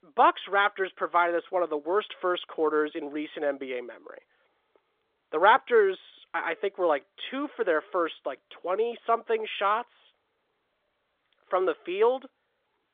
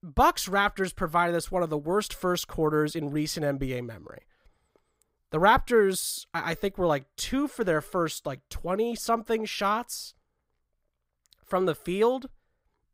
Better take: second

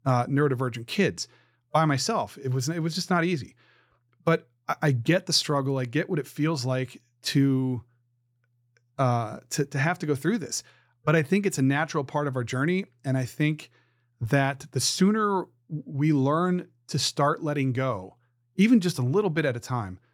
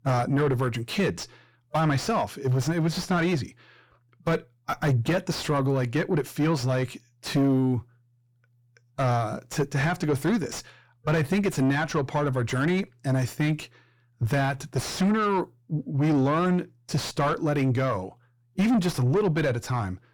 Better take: first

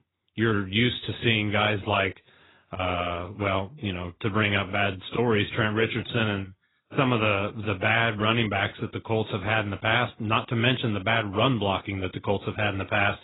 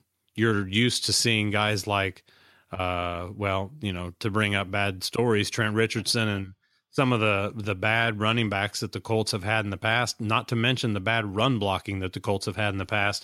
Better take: second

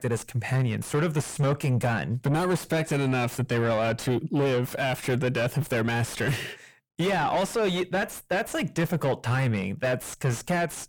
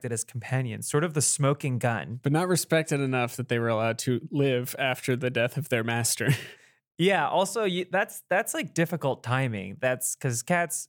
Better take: second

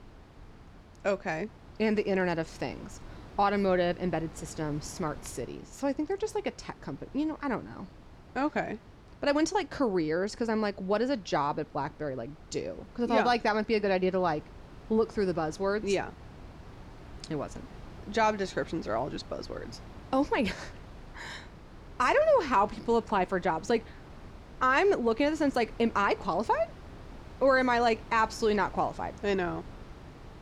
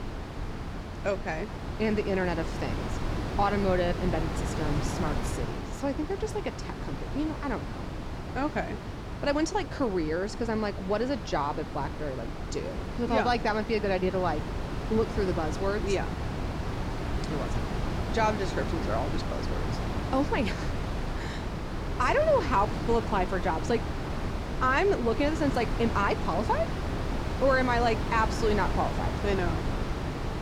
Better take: first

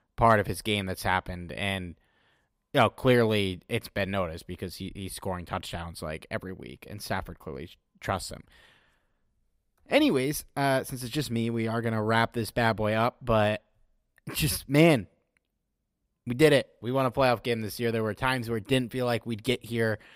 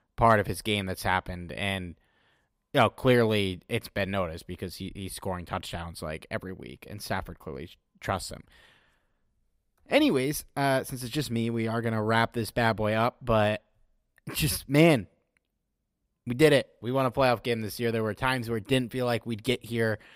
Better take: neither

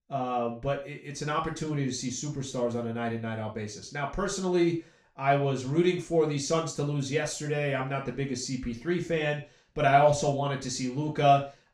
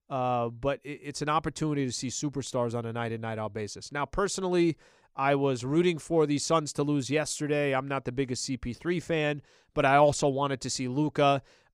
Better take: second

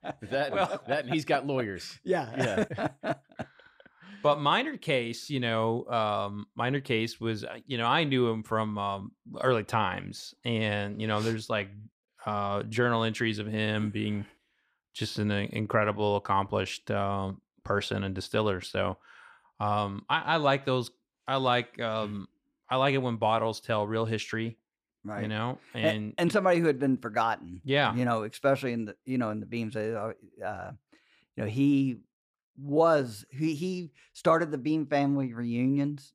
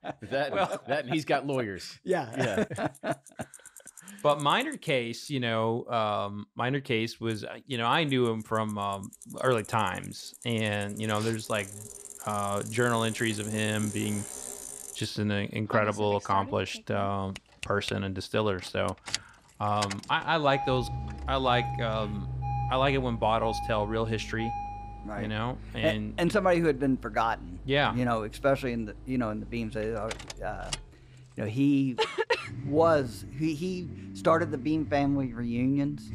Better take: first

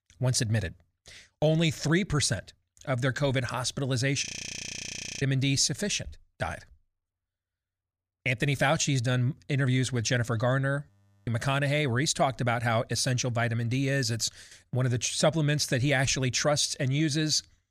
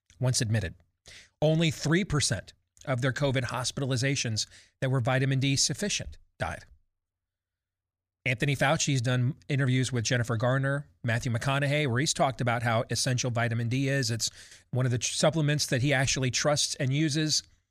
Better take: second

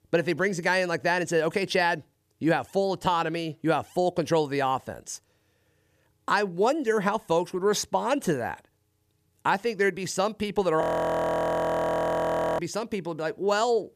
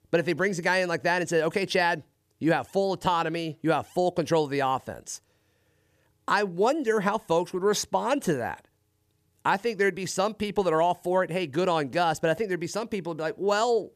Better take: second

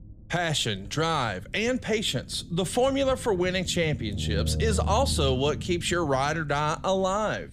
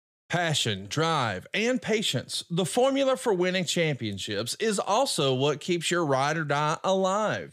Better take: second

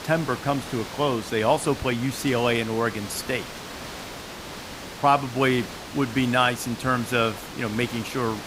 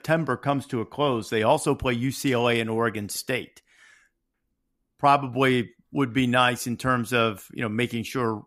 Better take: second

